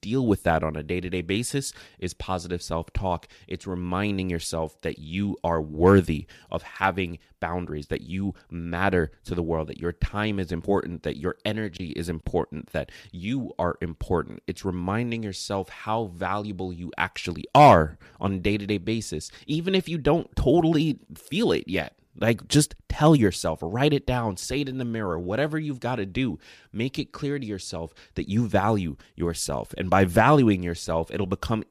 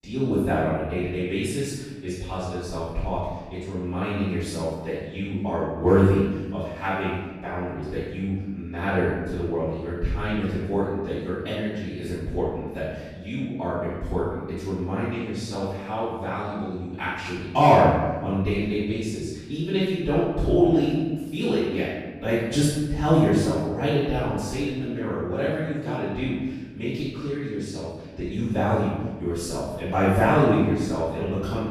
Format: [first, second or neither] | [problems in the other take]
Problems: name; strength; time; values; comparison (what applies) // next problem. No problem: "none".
first | off-mic speech; far // room echo; strong; dies away in 1.1 s